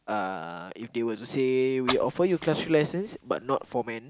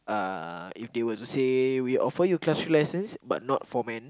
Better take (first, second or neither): second